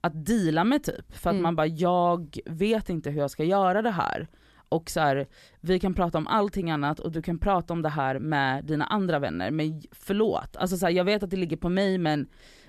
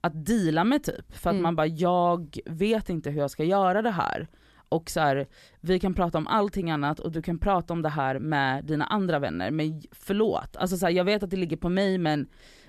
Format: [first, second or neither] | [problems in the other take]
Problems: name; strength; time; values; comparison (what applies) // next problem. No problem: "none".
neither | none